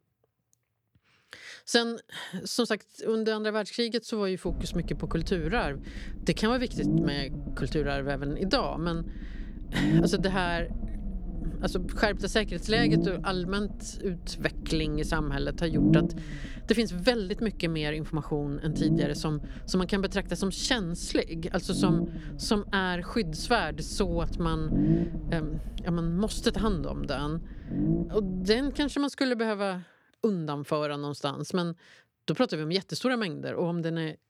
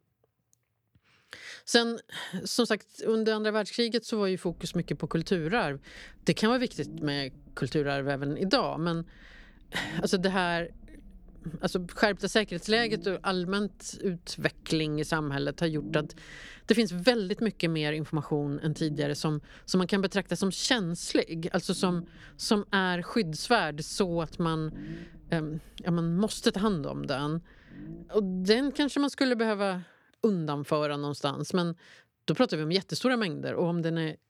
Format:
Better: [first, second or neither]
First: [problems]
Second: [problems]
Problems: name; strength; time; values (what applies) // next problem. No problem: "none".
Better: second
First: low rumble; loud; from 4.5 to 29 s; 6 dB below the speech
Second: low rumble; faint; from 4.5 to 29 s; 25 dB below the speech